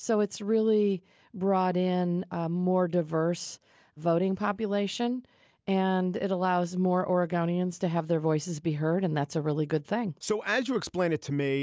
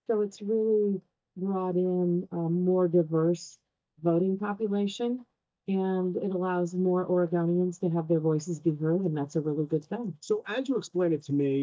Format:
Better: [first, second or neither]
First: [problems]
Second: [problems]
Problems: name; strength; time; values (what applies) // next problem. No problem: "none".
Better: first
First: none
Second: noise reduction (neural mask model DeepFilterNet 3)